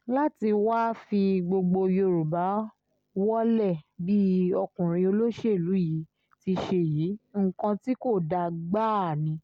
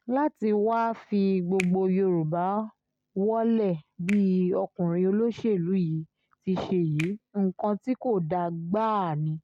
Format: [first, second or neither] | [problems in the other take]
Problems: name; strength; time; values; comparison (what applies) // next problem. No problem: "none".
first | noise reduction (neural mask model RNNoise)